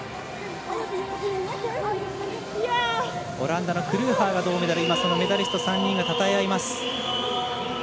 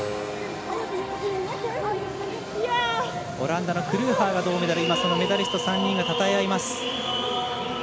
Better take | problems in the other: first | background sound (Keyboard (musical)); 16 dB below the speech

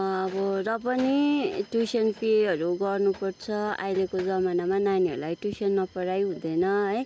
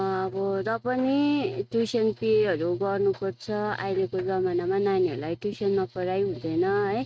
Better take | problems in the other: first | noise reduction (neural mask model RNNoise)

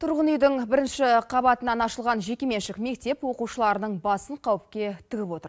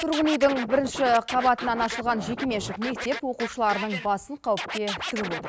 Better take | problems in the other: first | background sound (Scratching (performance technique)); 9 dB below the speech

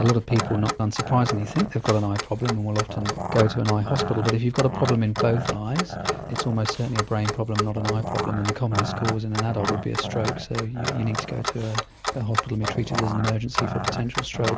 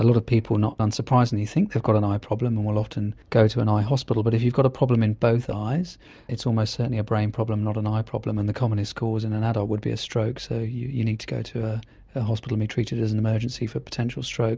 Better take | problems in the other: second | background sound (Growling + Clock); 4 dB below the speech

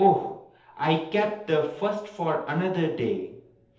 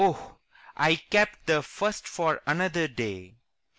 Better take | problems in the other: second | room echo; dies away in 0.8 s

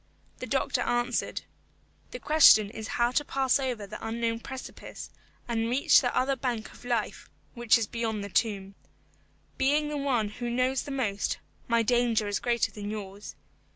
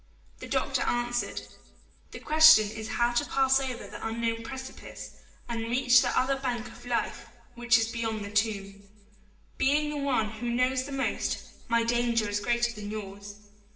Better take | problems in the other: first | room echo; dies away in 0.9 s

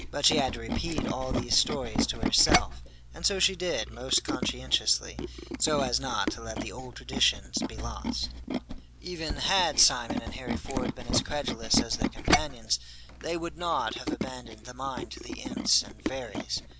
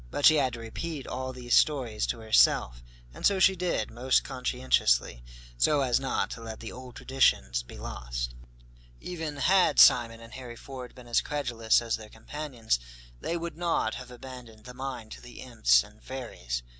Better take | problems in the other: second | background sound (Tools); 3 dB below the speech

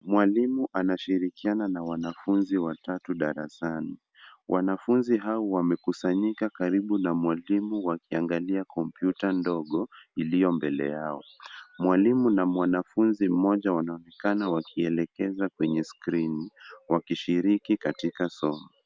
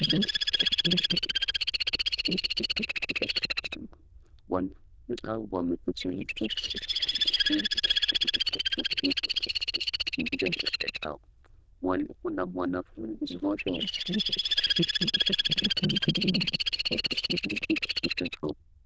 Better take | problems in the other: first | noise reduction (neural diffusion model UNIVERSE++)

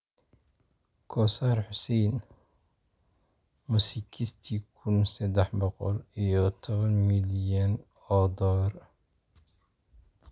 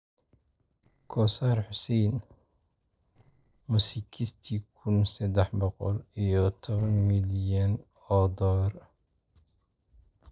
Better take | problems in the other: first | noise reduction (neural separator model SepFormer DNS4)

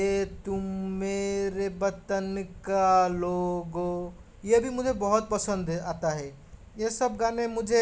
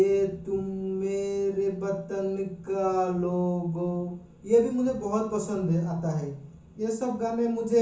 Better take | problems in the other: first | room echo; dies away in 0.6 s

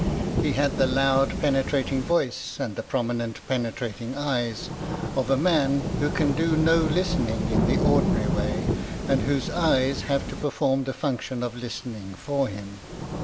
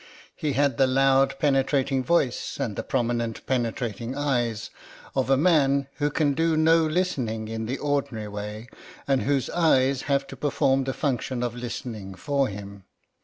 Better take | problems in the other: second | background sound (Rain / Thunderstorm); 3 dB below the speech

